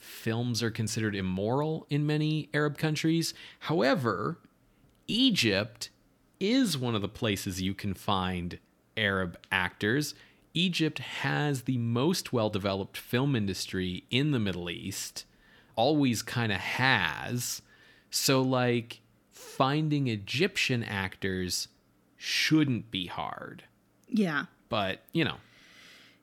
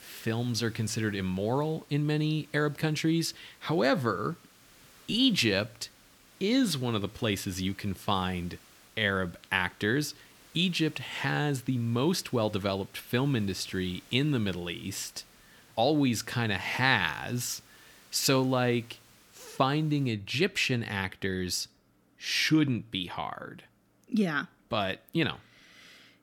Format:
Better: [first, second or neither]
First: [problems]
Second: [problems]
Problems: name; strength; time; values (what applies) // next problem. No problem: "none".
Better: first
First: none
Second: hiss; faint; until 20 s; 25 dB below the speech